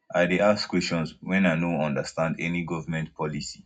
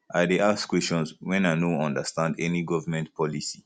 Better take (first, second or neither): second